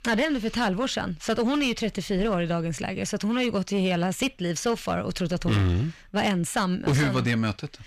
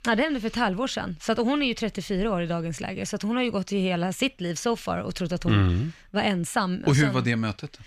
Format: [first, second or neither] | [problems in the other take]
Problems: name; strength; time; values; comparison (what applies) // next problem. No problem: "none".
second | distortion; slight; 10% of the sound clipped